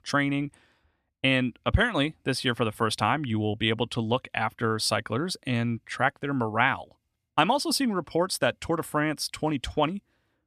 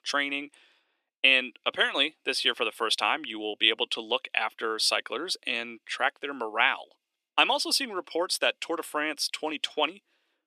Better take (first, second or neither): first